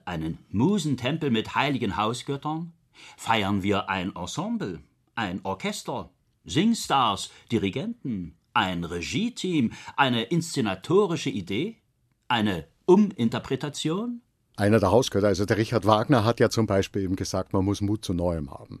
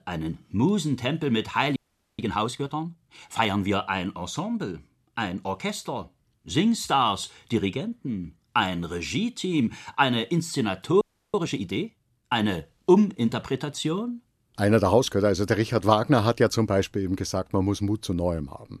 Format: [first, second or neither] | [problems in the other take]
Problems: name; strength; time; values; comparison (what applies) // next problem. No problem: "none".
first | audio freezing; at 2 s and at 11 s